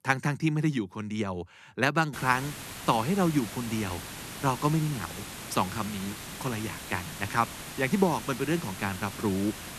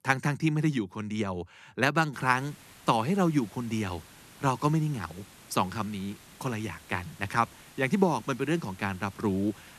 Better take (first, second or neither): second